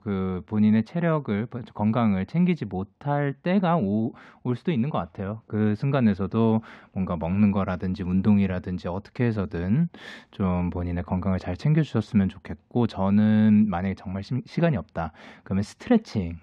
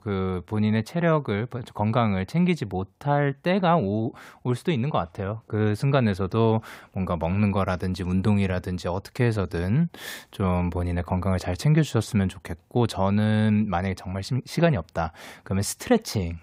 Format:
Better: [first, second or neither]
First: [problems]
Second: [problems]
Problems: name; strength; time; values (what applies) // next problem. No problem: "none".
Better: second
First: muffled; very slightly; fading above 3.5 kHz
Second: none